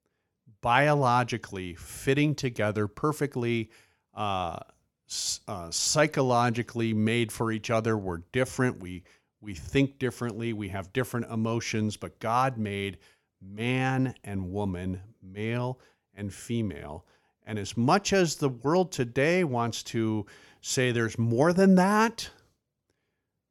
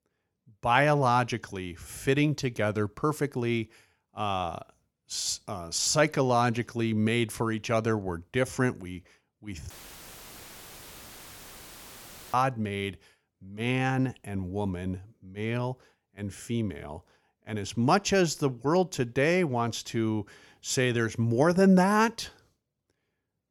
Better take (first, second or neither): first